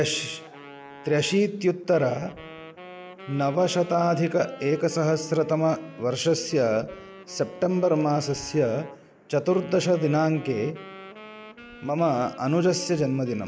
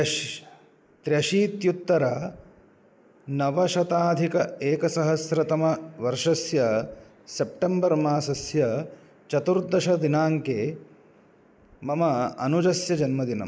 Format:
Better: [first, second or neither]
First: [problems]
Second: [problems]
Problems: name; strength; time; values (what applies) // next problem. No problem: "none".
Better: second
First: background sound (Wind instrument, woodwind instrument); 19 dB below the speech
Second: none